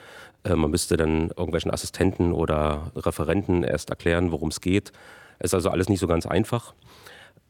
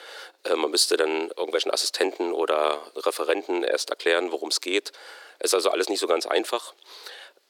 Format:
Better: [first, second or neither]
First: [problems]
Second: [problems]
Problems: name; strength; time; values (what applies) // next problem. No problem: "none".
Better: first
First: none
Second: thin; very; fading below 350 Hz